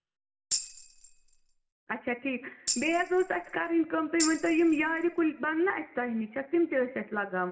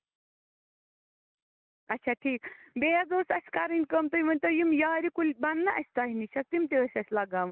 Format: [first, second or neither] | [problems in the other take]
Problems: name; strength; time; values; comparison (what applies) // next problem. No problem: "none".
second | background sound (Tambourine); 8 dB below the speech // room echo; dies away in 0.8 s